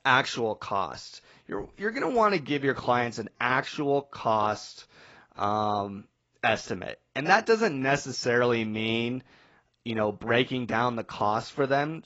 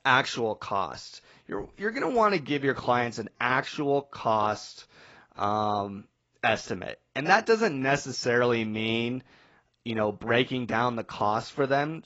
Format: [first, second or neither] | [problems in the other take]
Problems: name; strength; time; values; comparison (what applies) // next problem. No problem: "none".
neither | garbled, watery; badly; nothing above 7.5 kHz; the same in both